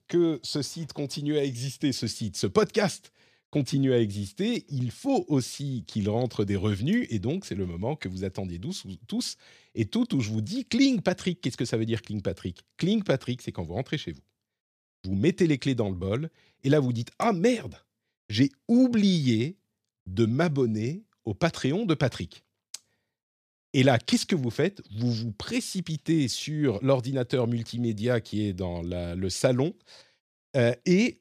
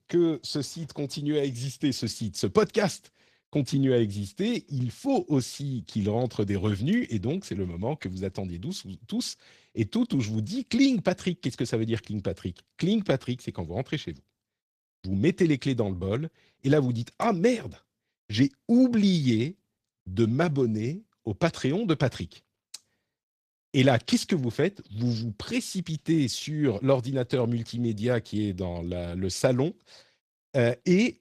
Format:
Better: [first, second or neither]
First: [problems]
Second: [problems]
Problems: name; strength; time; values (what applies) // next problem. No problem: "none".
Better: first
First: none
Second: garbled, watery; slightly; nothing above 14.5 kHz